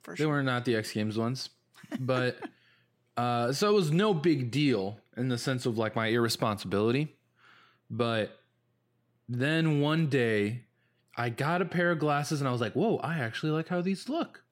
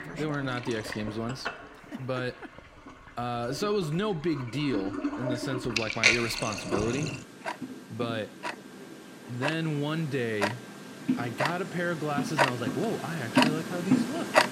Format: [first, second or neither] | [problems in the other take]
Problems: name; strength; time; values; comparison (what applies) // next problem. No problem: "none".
first | household noises; very loud; throughout; 2 dB above the speech